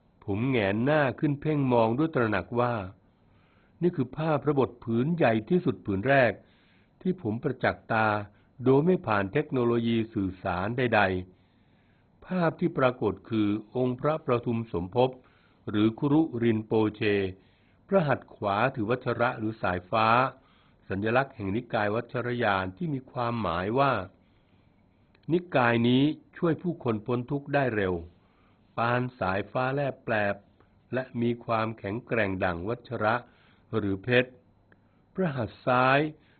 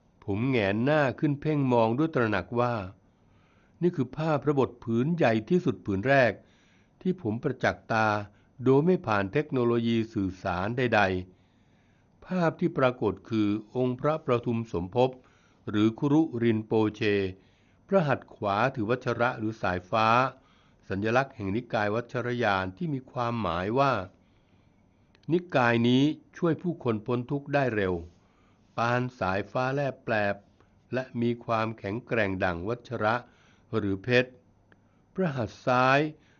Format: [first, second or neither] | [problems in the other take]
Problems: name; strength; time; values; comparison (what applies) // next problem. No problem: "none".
second | garbled, watery; badly; nothing above 4 kHz; slightly in the second